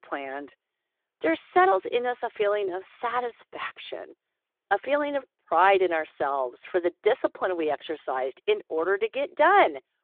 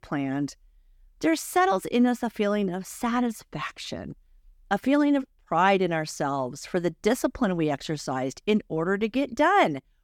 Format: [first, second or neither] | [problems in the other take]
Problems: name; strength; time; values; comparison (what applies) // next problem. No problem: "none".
second | phone-call audio